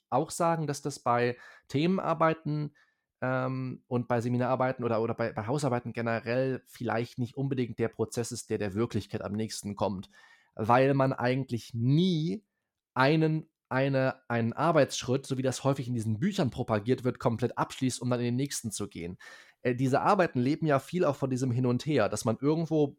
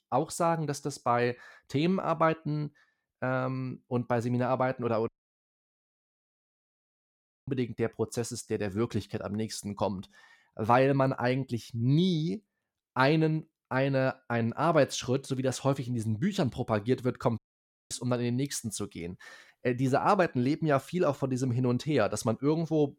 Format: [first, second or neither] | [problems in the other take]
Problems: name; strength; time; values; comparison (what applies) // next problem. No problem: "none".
first | audio cutting out; at 5 s for 2.5 s and at 17 s for 0.5 s